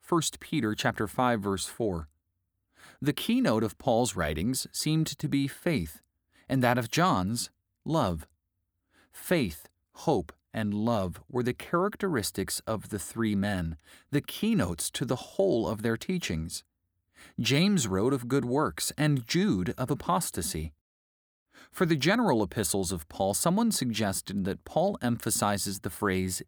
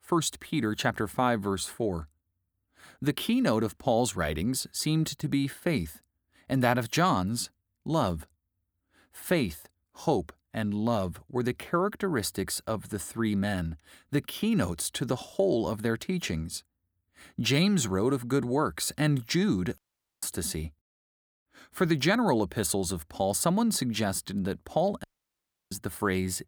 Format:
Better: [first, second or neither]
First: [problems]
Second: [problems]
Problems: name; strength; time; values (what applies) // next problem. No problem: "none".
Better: first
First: none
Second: audio cutting out; at 20 s and at 25 s for 0.5 s